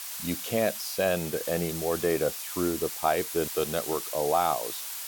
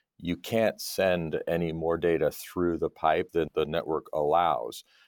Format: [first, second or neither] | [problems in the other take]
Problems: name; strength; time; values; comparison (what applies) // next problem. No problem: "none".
second | hiss; loud; throughout; 5 dB below the speech